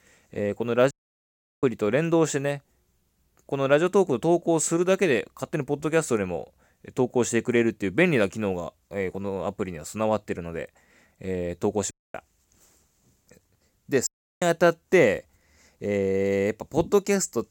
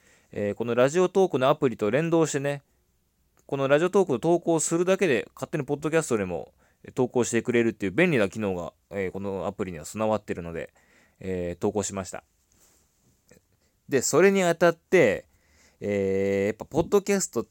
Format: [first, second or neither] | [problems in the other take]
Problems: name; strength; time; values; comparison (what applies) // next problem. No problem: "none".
second | audio cutting out; at 1 s for 0.5 s, at 12 s and at 14 s